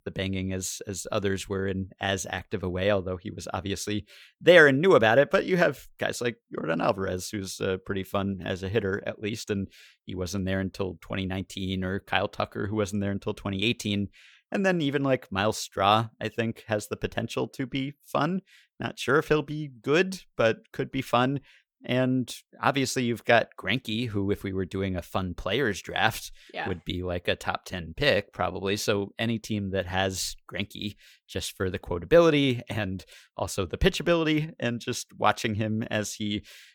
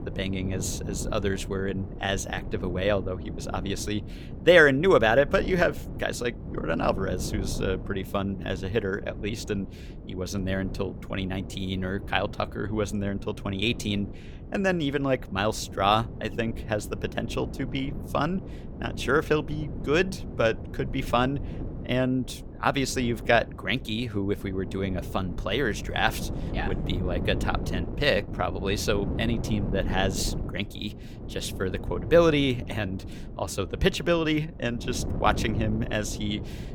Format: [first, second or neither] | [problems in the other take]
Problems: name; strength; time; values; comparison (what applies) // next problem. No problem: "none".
first | wind noise on the microphone; occasional gusts; 15 dB below the speech